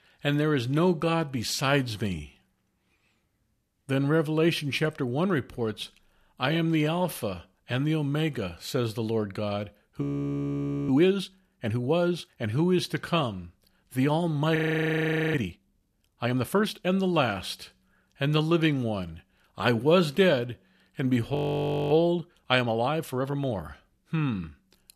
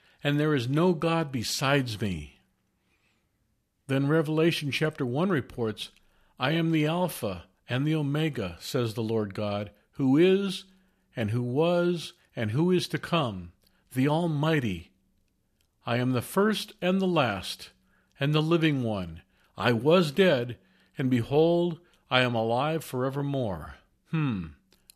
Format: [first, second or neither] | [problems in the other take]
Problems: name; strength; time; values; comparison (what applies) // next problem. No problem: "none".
second | audio freezing; at 10 s for 1 s, at 15 s for 1 s and at 21 s for 0.5 s